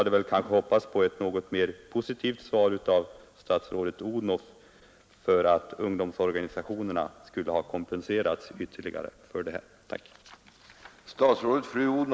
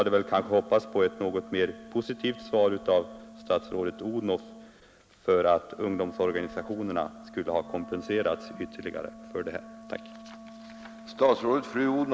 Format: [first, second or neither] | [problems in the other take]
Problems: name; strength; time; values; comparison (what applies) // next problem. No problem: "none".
first | background sound (Wind instrument, woodwind instrument); 17 dB below the speech